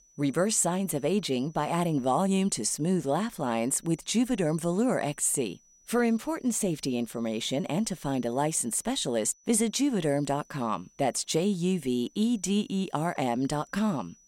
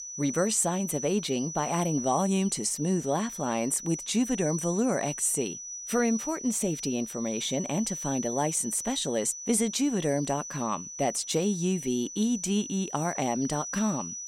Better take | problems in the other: first | high-pitched whine; loud; throughout; 6 kHz, 8 dB below the speech; faint in the first

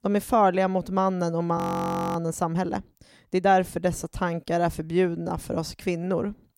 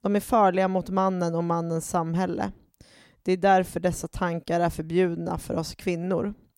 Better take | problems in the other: second | audio freezing; at 1.5 s for 0.5 s

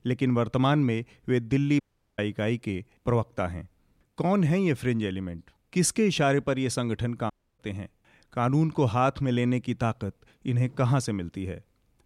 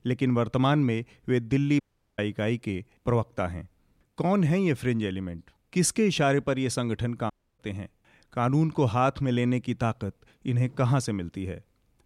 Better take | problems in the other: neither | audio cutting out; at 2 s and at 7.5 s; the same in both

